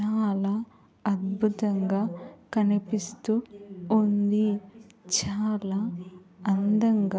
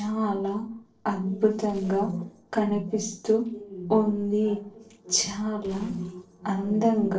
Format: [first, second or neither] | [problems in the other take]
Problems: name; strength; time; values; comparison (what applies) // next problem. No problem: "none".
first | noise reduction (neural separator model SepFormer DNS4)